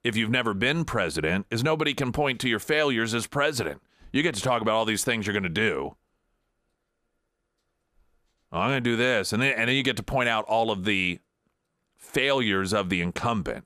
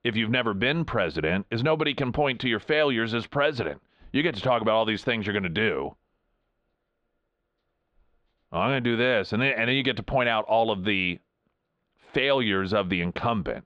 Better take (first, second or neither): first